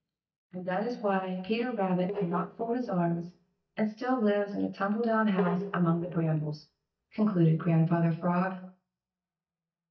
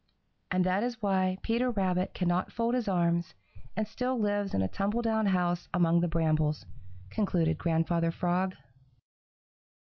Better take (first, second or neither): second